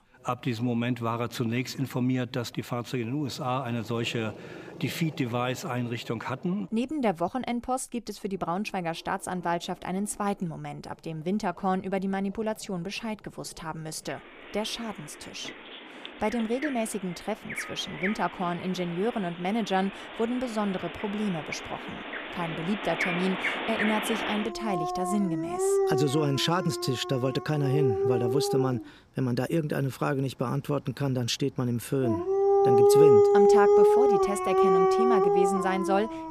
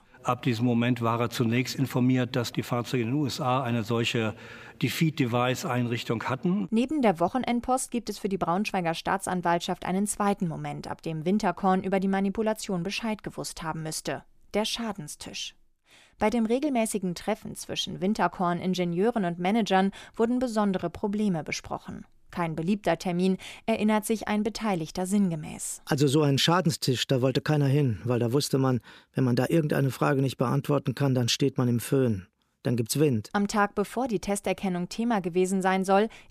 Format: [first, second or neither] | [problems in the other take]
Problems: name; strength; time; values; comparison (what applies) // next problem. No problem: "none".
second | animal sounds; very loud; throughout; 5 dB above the speech